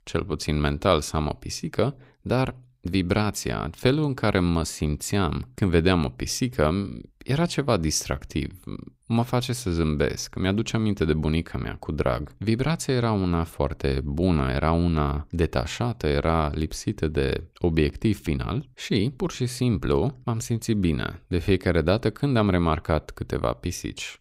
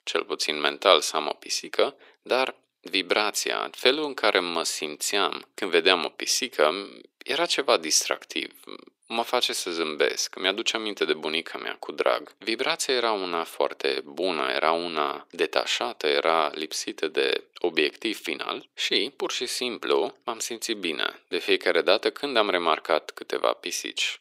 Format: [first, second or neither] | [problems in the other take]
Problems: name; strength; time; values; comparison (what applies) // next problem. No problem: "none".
first | thin; very; fading below 400 Hz